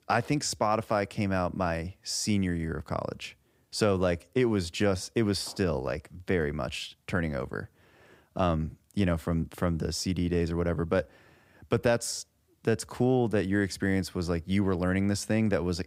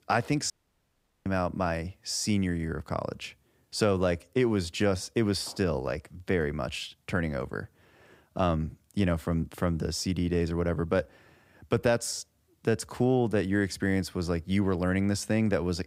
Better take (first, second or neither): first